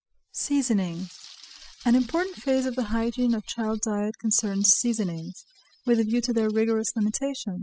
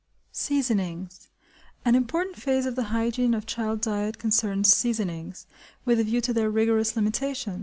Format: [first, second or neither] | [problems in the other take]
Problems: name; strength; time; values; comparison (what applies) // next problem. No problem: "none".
second | noise reduction (classical method spectral subtraction)